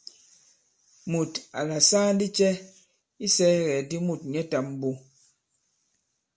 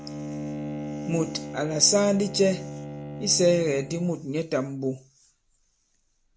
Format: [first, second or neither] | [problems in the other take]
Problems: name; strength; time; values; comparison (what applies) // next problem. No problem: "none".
first | background sound (Bowed string instrument); 10 dB below the speech